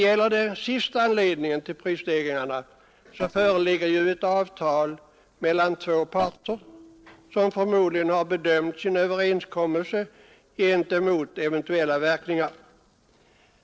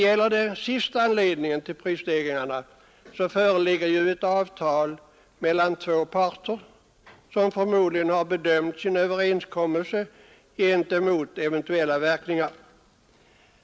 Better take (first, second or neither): second